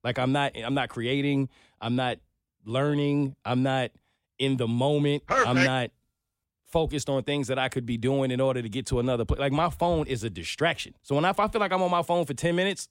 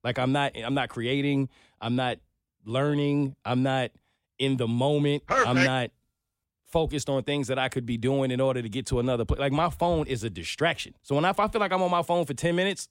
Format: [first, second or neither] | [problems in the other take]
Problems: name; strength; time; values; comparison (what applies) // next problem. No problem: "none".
neither | none